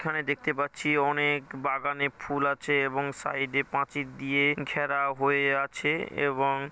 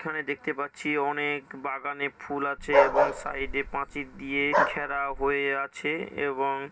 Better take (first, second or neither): first